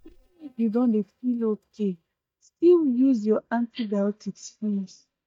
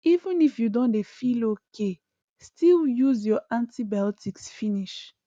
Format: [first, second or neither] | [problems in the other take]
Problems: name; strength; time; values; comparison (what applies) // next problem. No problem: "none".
second | noise reduction (neural mask model DeepFilterNet 3)